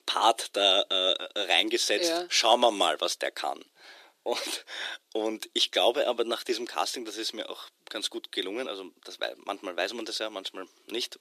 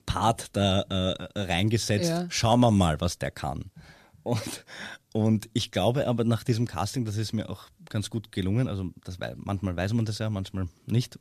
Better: second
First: thin; very; fading below 350 Hz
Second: none

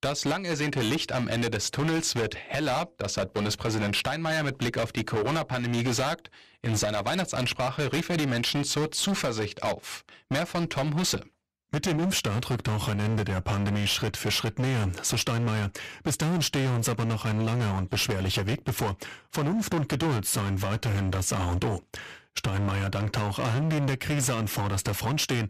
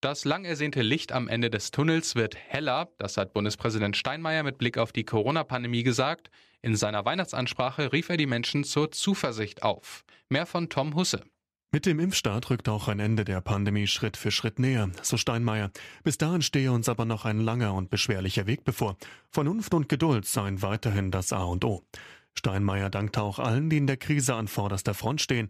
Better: second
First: distortion; heavy; 24% of the sound clipped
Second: none

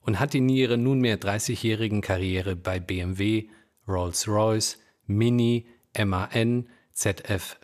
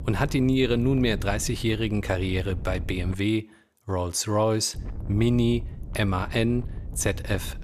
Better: first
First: none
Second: wind noise on the microphone; occasional gusts; until 3 s and from 4.5 s on; 20 dB below the speech

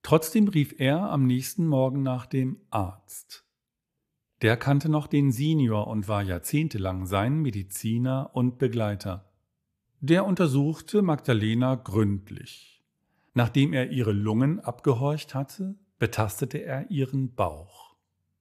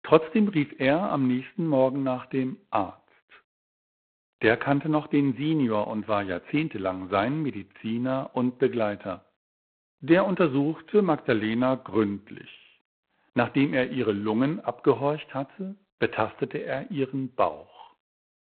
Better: first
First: none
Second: phone-call audio; poor line; nothing above 4 kHz

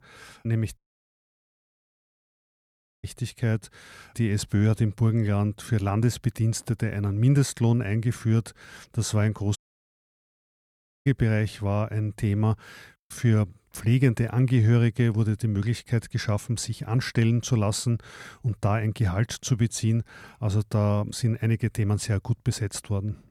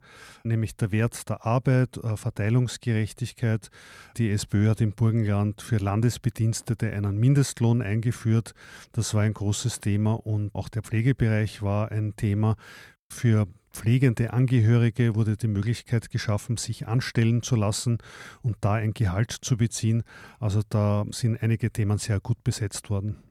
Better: second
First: audio cutting out; at 1 s for 2.5 s and at 9.5 s for 1.5 s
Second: none

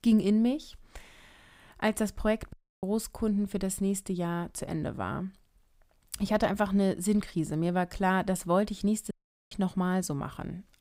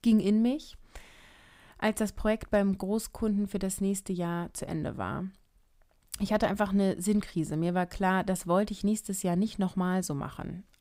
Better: second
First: audio cutting out; at 2.5 s and at 9 s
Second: none

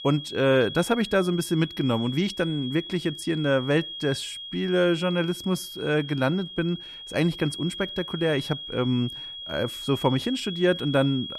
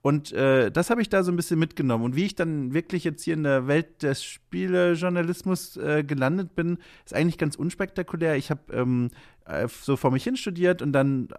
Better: second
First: high-pitched whine; loud; throughout; 3.5 kHz, 9 dB below the speech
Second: none

